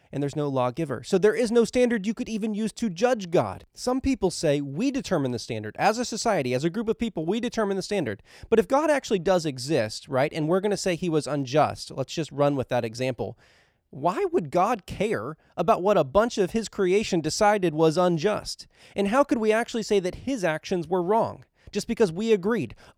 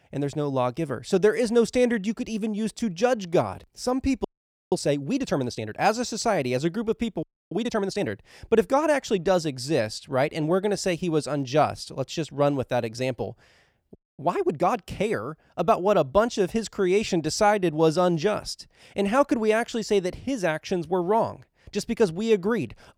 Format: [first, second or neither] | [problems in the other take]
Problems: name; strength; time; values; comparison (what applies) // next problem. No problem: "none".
first | audio freezing; at 4 s, at 7 s and at 14 s